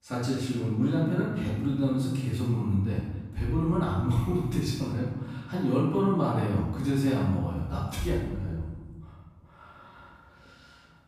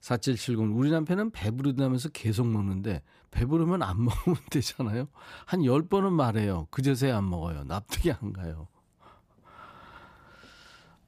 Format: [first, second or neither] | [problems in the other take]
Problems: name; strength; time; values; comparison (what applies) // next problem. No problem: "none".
second | off-mic speech; far // room echo; strong; dies away in 1.2 s